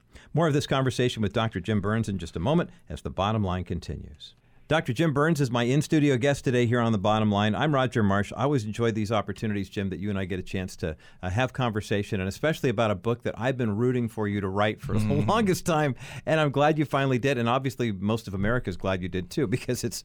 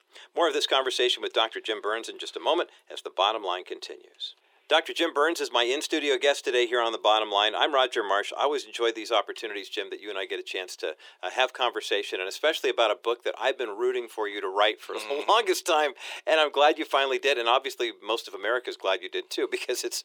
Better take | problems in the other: first | thin; very; fading below 350 Hz

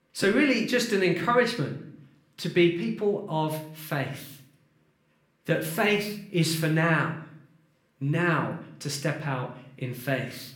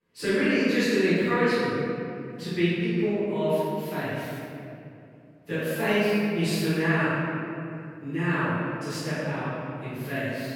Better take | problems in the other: first | room echo; strong; dies away in 2.5 s; slight in the first // off-mic speech; far; somewhat distant in the first

